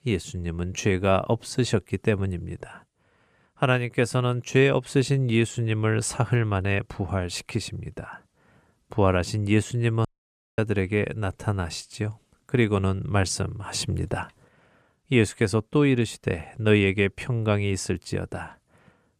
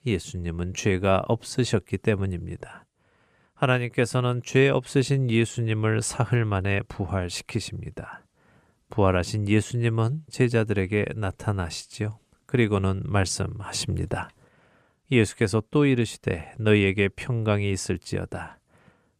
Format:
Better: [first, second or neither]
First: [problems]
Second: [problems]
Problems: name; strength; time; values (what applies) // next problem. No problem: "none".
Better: second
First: audio cutting out; at 10 s for 0.5 s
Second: none